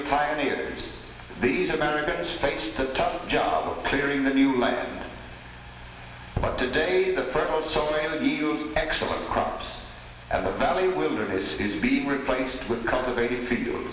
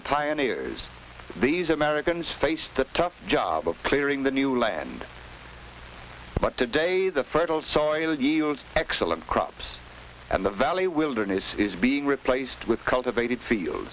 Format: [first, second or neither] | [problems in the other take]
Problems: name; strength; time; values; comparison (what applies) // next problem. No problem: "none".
second | room echo; dies away in 1.4 s